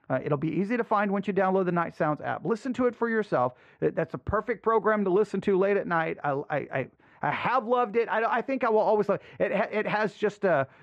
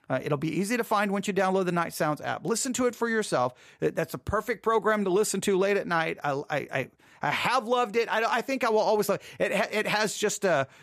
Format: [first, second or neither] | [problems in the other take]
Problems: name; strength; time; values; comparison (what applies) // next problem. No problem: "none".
second | muffled; very; fading above 2 kHz